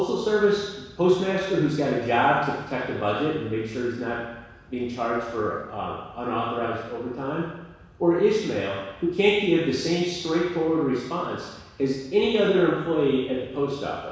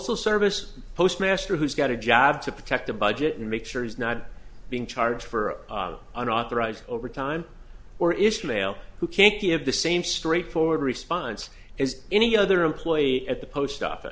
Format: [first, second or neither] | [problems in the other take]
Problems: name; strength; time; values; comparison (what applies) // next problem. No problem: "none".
second | room echo; dies away in 1.1 s